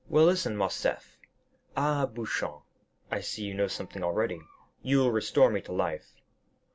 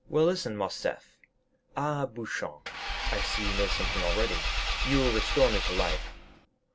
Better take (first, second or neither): first